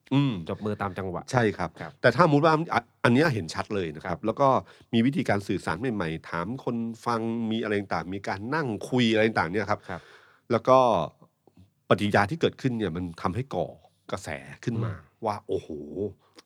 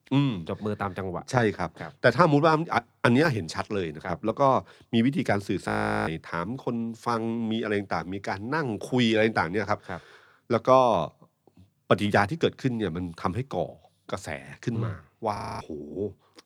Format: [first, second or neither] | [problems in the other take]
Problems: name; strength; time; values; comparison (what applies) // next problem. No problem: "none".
first | audio freezing; at 5.5 s and at 15 s